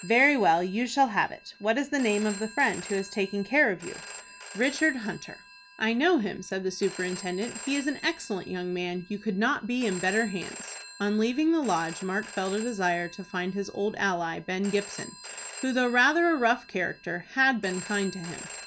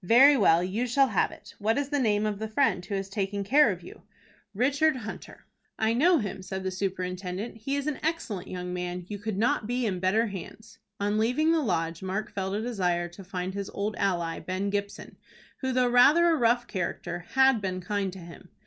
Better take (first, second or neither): second